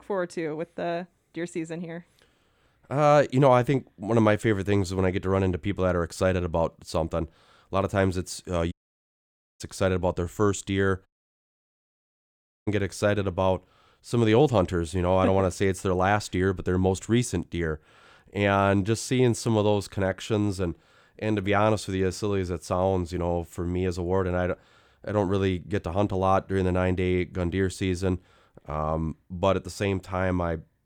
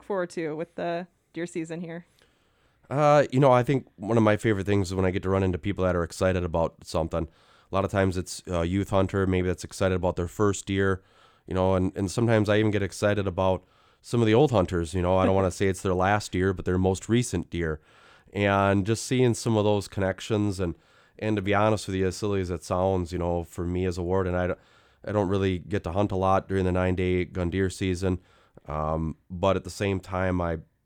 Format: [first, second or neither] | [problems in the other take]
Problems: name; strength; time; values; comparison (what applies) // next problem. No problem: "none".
second | audio cutting out; at 8.5 s for 1 s and at 11 s for 1.5 s